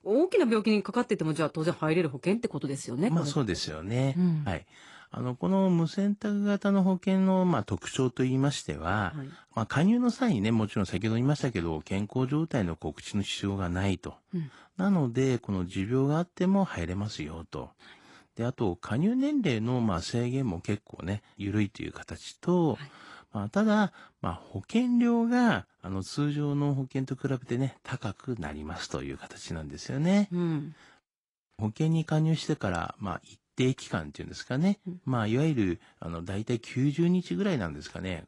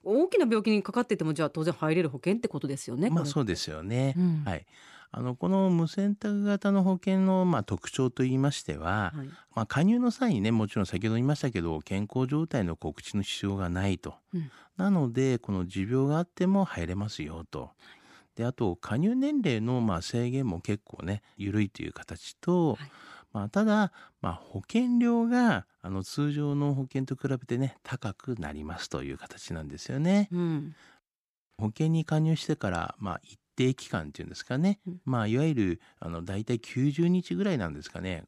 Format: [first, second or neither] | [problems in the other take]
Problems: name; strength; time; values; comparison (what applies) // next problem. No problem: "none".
second | garbled, watery; slightly; nothing above 10.5 kHz